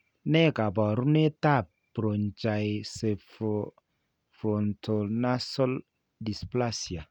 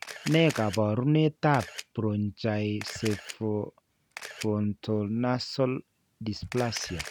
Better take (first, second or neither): first